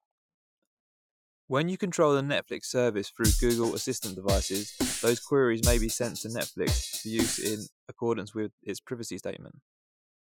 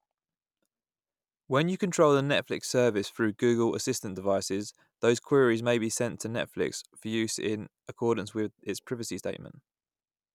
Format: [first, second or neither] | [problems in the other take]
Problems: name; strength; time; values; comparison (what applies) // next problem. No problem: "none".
second | noise reduction (classical method Wiener filter)